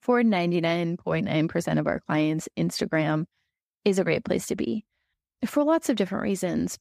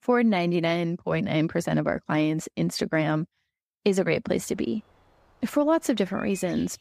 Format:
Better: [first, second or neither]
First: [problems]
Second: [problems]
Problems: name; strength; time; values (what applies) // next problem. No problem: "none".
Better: first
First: none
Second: animal sounds; faint; from 4.5 s on; 25 dB below the speech